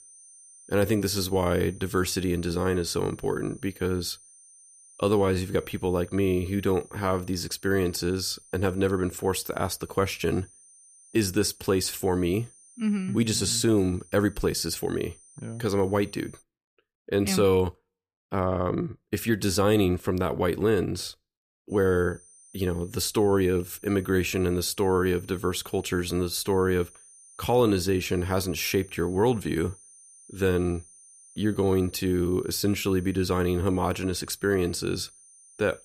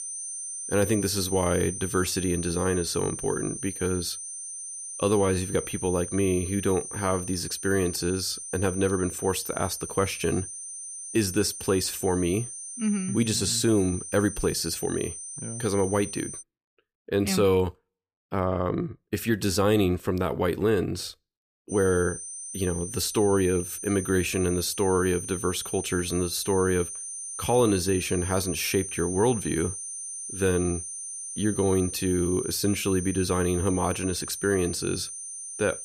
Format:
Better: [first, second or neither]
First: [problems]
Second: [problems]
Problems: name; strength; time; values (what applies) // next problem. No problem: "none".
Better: first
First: high-pitched whine; faint; until 16 s and from 22 s on; 9 kHz, 25 dB below the speech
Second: high-pitched whine; loud; until 16 s and from 22 s on; 9 kHz, 8 dB below the speech